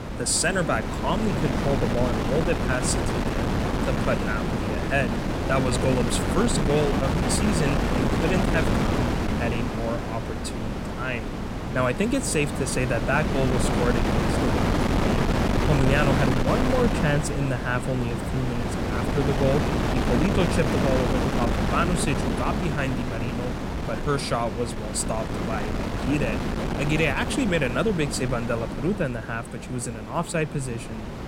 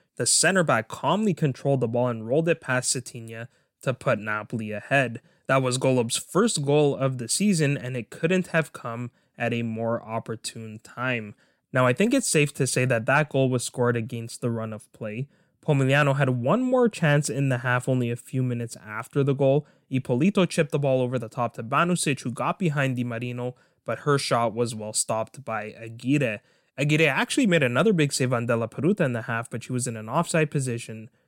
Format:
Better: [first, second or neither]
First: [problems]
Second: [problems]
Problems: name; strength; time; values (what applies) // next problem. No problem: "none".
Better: second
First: wind noise on the microphone; heavy; 1 dB below the speech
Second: none